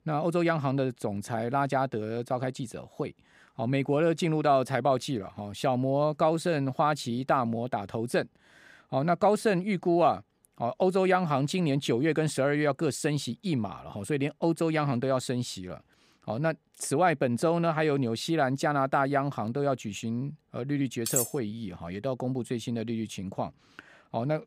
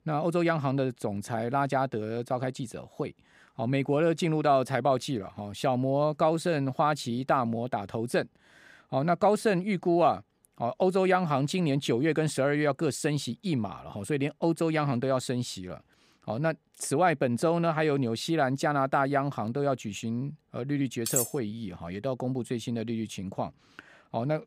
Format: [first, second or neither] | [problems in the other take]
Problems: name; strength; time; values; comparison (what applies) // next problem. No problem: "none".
neither | clattering dishes; loud; at 21 s; peak level with the speech; the same in both